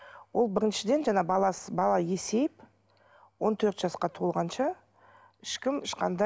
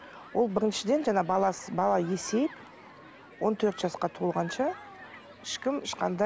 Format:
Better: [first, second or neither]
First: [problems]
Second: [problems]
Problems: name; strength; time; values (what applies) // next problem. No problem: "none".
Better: first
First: none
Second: background sound (Human group actions); 19 dB below the speech